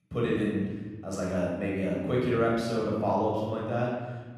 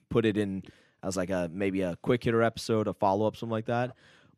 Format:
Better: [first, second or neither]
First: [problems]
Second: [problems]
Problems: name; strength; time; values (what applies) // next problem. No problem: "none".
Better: second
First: off-mic speech; far // room echo; strong; dies away in 1.3 s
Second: none